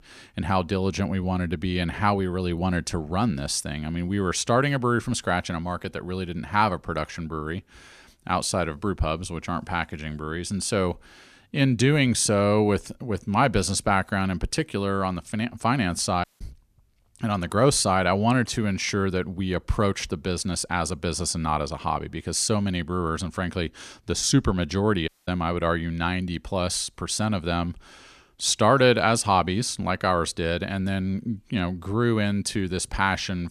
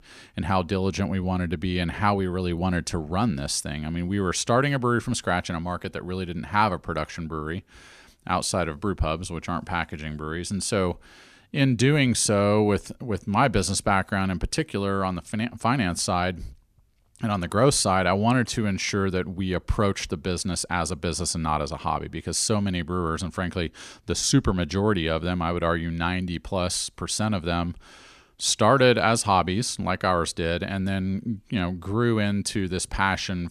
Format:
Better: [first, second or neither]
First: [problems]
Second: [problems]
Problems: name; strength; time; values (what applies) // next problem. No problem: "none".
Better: second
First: audio cutting out; at 16 s and at 25 s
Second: none